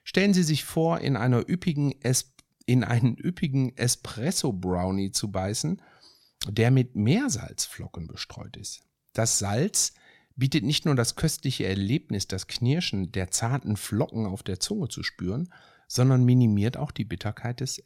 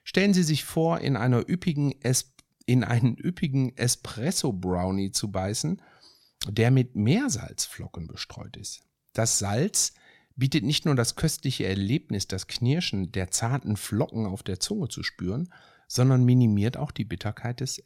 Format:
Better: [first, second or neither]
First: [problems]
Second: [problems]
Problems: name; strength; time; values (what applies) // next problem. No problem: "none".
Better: neither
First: none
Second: none